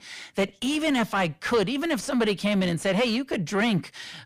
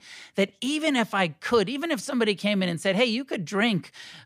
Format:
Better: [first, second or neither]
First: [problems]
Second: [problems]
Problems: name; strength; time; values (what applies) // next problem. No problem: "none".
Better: second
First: distortion; slight; 10 dB below the speech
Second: none